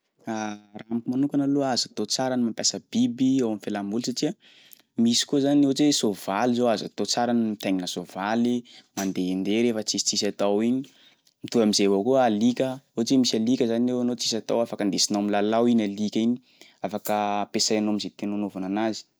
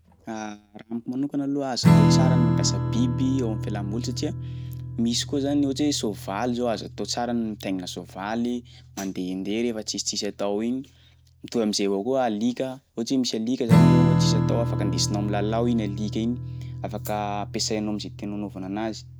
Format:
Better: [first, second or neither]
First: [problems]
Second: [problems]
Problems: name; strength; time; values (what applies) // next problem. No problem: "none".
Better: first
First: none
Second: background sound (Strum); 1 dB above the speech